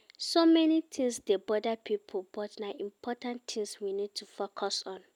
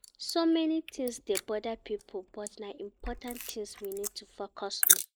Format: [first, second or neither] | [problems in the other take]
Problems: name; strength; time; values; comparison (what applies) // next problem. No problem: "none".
first | noise reduction (neural mask model Resemble Enhance denoiser)